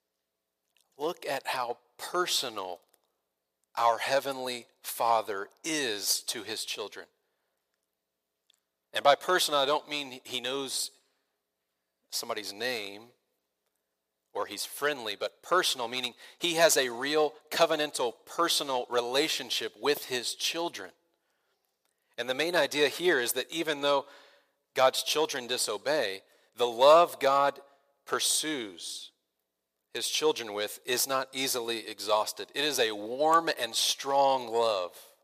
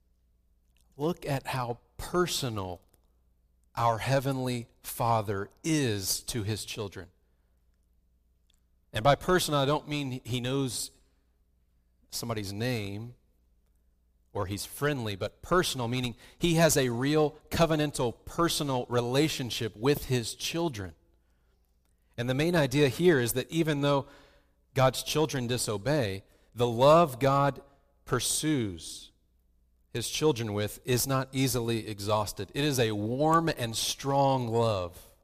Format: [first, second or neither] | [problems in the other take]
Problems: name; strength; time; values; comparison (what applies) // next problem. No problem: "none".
second | thin; very; fading below 550 Hz